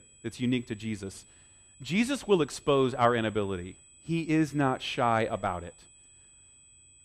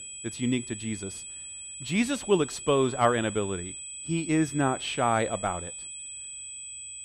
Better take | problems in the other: first | high-pitched whine; loud; throughout; 8 kHz, 10 dB below the speech; faint in the first

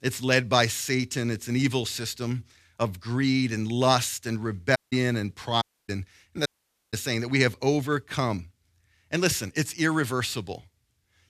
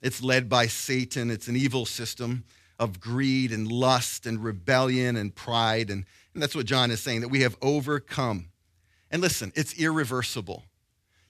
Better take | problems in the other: second | audio cutting out; at 5 s, at 5.5 s and at 6.5 s

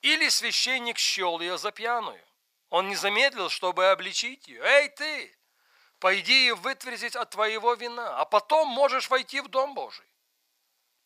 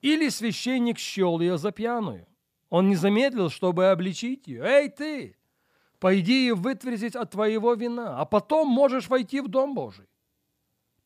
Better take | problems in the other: second | thin; very; fading below 950 Hz

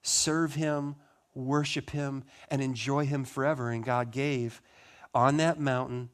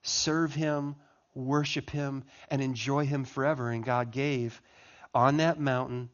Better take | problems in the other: first | garbled, watery; slightly; nothing above 6.5 kHz

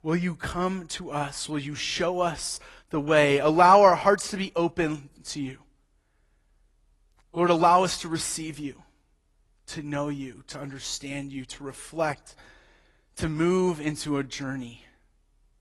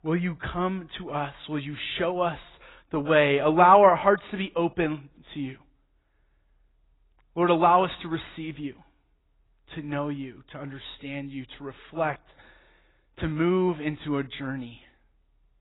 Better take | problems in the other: first | garbled, watery; badly; nothing above 4 kHz; slightly in the first

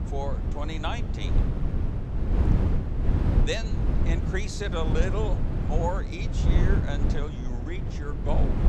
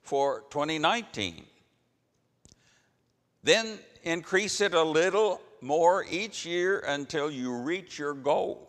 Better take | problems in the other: second | wind noise on the microphone; heavy; 3 dB below the speech

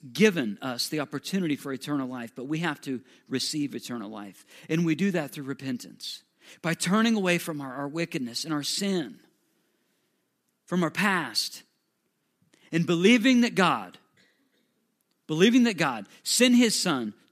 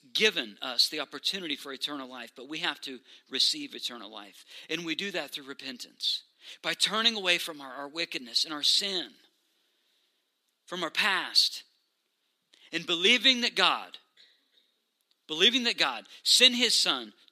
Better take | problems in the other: first | thin; somewhat; fading below 400 Hz

